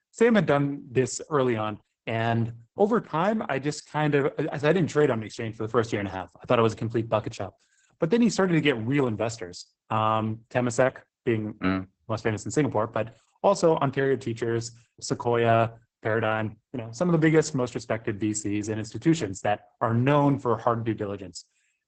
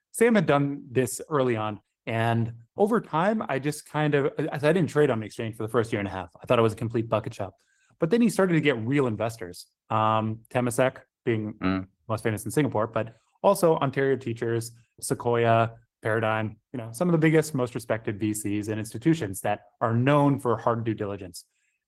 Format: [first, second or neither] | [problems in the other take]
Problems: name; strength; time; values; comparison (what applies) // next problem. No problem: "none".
second | garbled, watery; badly; nothing above 8 kHz; slightly in the second